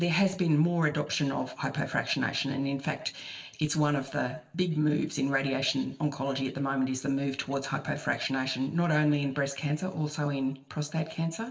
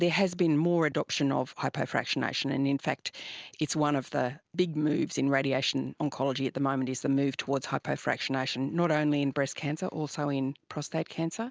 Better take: second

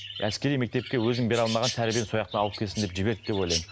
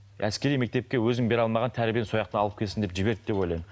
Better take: second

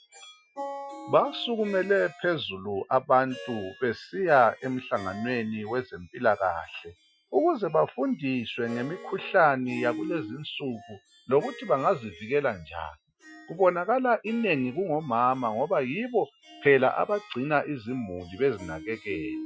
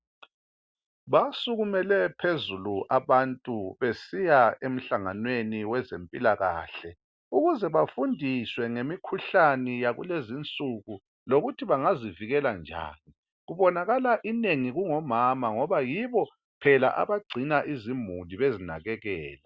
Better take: second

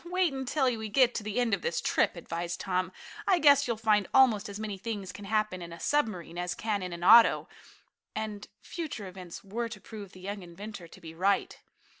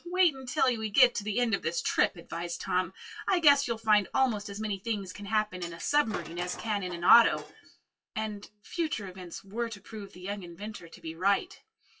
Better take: first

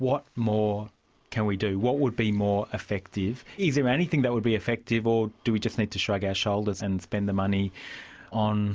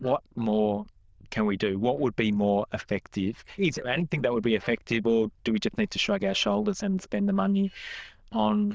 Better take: first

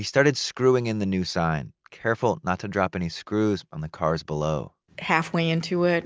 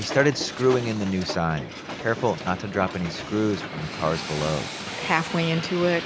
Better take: first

